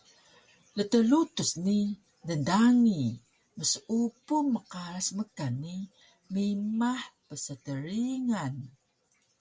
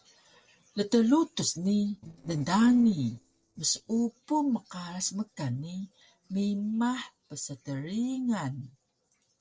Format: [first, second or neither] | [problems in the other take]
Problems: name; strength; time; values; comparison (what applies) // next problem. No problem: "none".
first | noise reduction (neural separator model SepFormer DNS4)